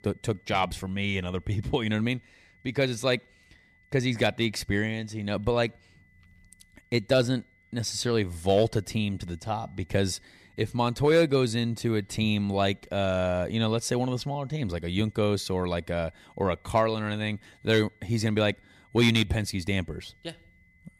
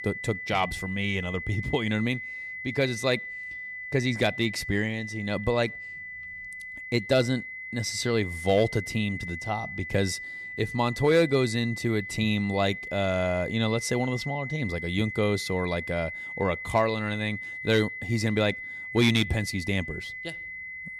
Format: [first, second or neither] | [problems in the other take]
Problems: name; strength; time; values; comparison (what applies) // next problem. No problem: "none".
first | high-pitched whine; loud; throughout; 2 kHz, 8 dB below the speech; faint in the first